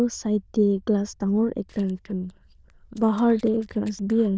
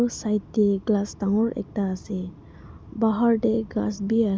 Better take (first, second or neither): second